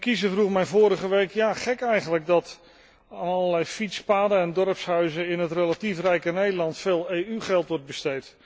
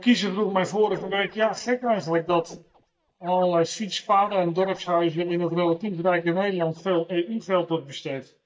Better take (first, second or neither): first